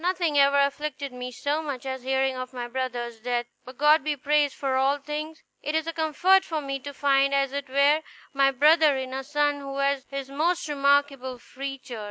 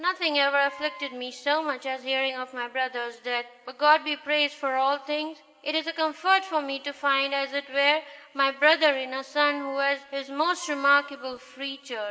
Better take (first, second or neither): first